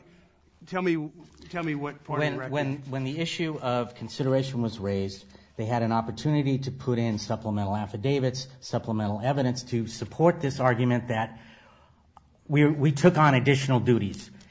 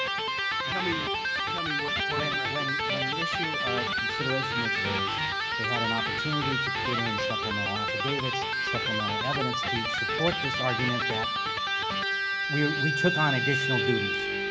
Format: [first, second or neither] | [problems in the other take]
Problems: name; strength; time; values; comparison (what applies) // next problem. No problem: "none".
first | background sound (Electric guitar); 5 dB above the speech